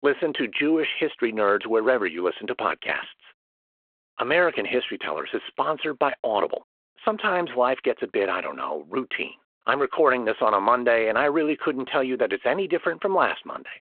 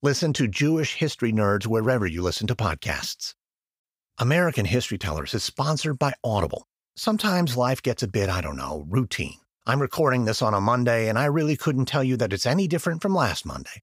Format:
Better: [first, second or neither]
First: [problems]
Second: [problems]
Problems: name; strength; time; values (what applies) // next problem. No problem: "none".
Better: second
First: phone-call audio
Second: none